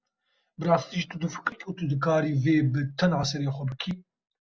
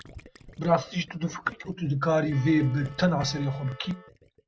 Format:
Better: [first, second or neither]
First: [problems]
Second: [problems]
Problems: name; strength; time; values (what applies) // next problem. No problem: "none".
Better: first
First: none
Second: background sound (Bell + Gurgling); 18 dB below the speech